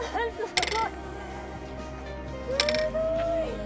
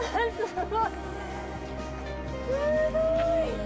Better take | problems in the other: second | background sound (Bicycle); 6 dB below the speech

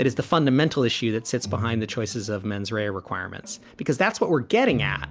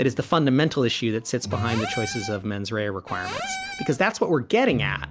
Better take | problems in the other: first | background sound (Cupboard open or close / Door); 10 dB below the speech

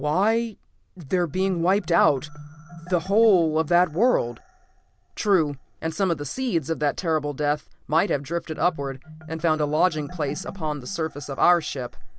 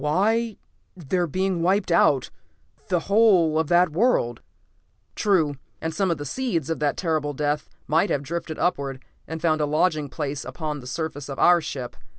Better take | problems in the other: second | background sound (Marimba, xylophone); 20 dB below the speech

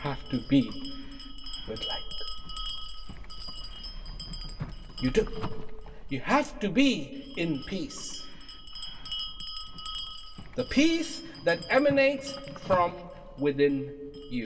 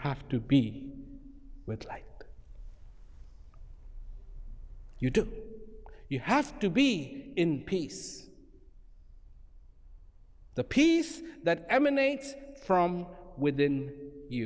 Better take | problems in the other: second | background sound (Bell); 12 dB below the speech // room echo; dies away in 0.1 s

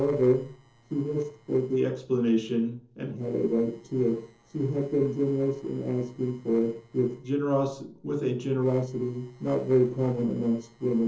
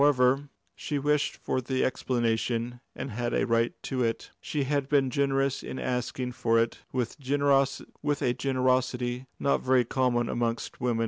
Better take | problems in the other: second | noise reduction (neural separator model SepFormer DNS4)

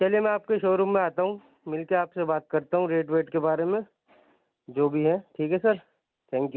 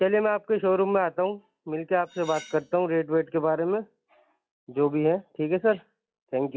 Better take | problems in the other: first | noise reduction (classical method log-MMSE)

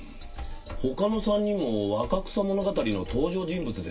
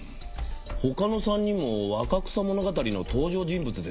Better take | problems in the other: second | room echo; dies away in 0.2 s

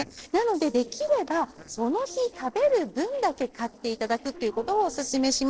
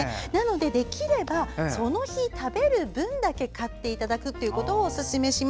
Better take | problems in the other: second | noise reduction (neural separator model SepFormer DNS4)

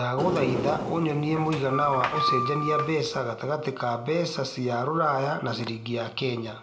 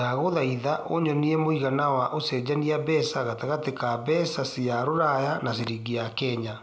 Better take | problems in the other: second | background sound (Sliding door); 3 dB below the speech // room echo; dies away in 0.7 s

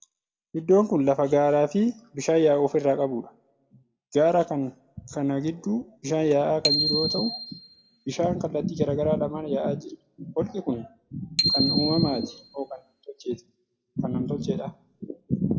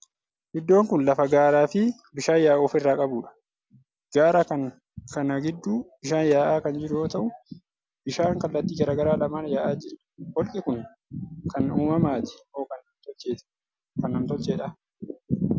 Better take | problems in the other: second | background sound (Bicycle bell); 5 dB below the speech // room echo; dies away in 0.3 s

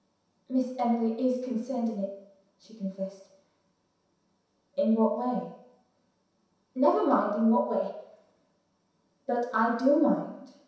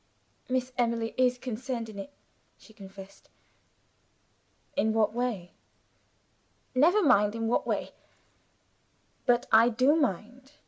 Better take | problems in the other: second | room echo; dies away in 0.7 s

